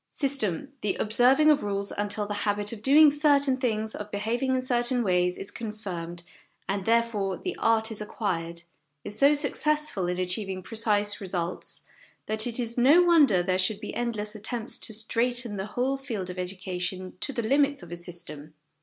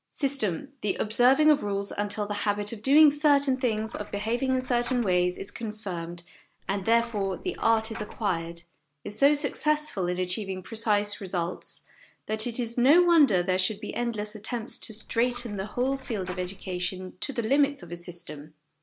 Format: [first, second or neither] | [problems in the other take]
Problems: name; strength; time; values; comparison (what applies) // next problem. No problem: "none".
first | background sound (Coin (dropping)); 17 dB below the speech